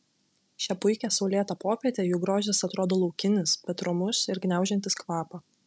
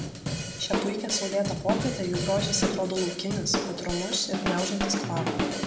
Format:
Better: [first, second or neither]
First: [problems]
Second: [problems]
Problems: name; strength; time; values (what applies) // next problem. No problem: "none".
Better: first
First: none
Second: background sound (Drum / Drum kit); 1 dB below the speech // room echo; dies away in 0.9 s